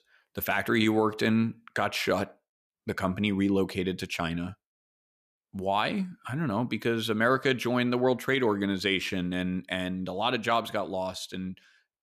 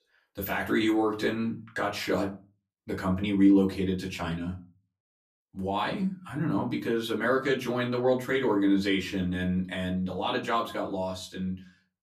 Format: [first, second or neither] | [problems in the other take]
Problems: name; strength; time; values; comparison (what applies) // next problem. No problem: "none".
first | off-mic speech; far // room echo; very slight; dies away in 0.3 s